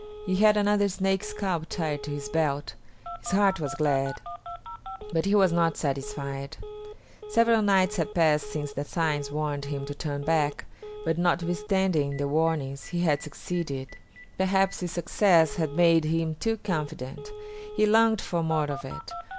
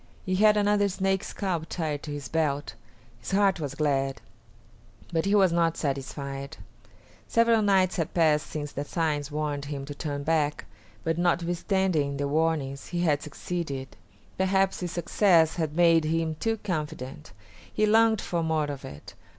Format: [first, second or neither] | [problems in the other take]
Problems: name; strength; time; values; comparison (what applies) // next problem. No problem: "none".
second | background sound (Telephone); 15 dB below the speech